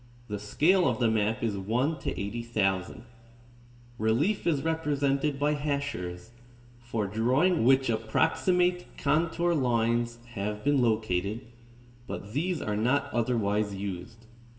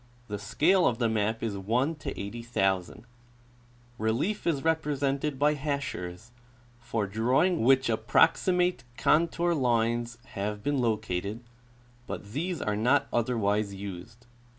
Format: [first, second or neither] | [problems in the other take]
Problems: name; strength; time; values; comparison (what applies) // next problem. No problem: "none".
second | room echo; dies away in 1.9 s